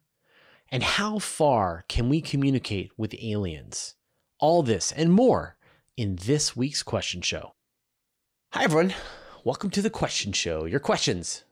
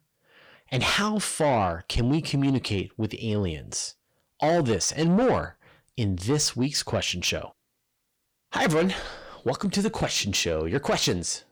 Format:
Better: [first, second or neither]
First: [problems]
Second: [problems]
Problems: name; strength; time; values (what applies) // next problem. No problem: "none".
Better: first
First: none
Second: distortion; slight; 10 dB below the speech